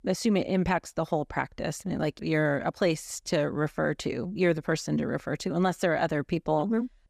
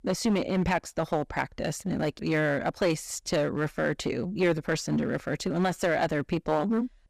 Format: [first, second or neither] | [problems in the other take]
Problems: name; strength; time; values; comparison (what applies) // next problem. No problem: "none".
first | distortion; slight; 6% of the sound clipped